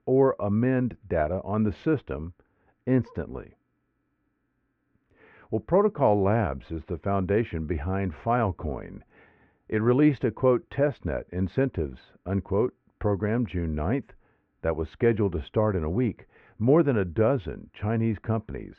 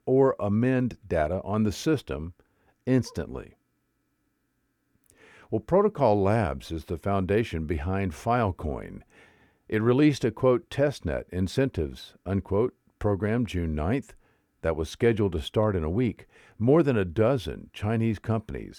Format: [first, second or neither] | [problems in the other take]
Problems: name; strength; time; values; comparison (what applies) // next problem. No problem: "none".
second | muffled; very; fading above 2.5 kHz